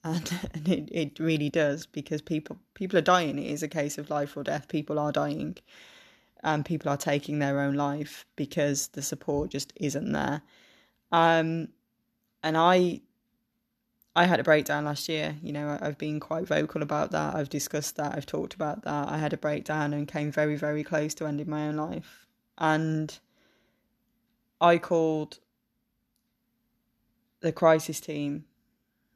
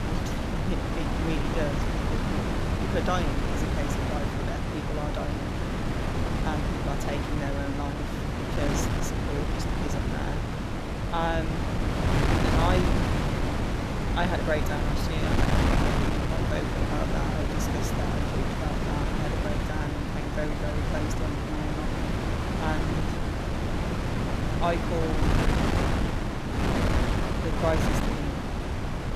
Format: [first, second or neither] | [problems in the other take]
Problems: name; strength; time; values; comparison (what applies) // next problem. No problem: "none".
first | wind noise on the microphone; heavy; 3 dB above the speech